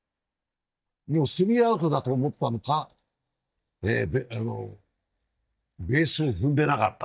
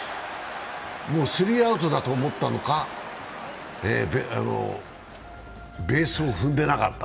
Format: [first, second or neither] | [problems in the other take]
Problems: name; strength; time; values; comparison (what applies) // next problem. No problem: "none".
second | noise reduction (neural mask model DeepFilterNet 3)